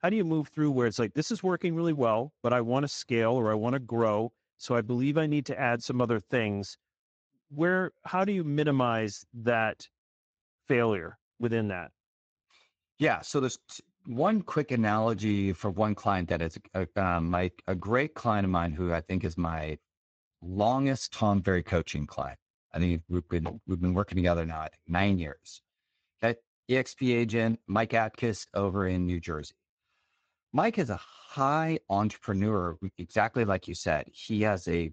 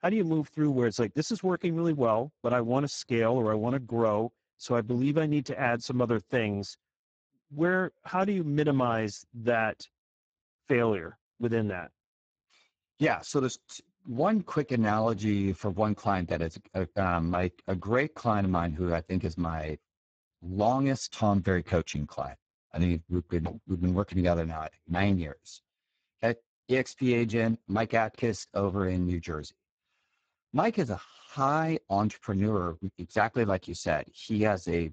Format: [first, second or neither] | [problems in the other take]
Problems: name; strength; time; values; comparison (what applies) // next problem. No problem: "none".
first | garbled, watery; badly; nothing above 7.5 kHz; slightly in the first